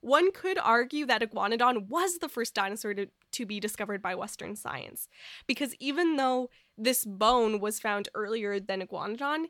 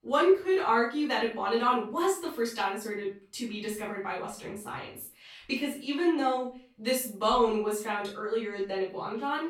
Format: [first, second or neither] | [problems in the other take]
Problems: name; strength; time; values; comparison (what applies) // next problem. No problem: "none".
first | off-mic speech; far // room echo; noticeable; dies away in 0.3 s